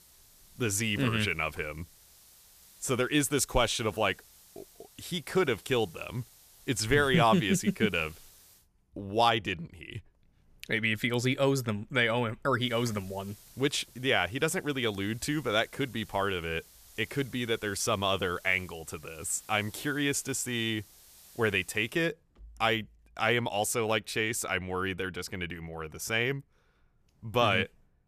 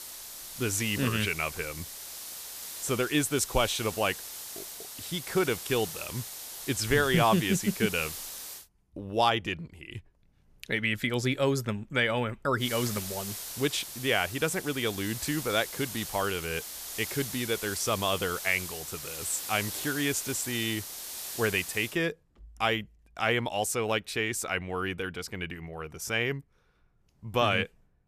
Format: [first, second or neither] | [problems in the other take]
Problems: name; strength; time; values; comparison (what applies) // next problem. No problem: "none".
first | hiss; loud; until 8.5 s and from 13 to 22 s; 8 dB below the speech; faint in the first